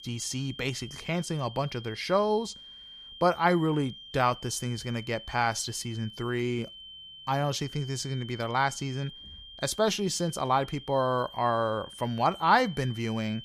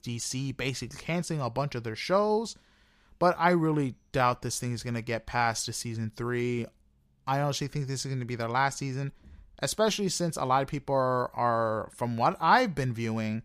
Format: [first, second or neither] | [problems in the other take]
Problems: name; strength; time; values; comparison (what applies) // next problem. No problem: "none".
second | high-pitched whine; noticeable; throughout; 3 kHz, 15 dB below the speech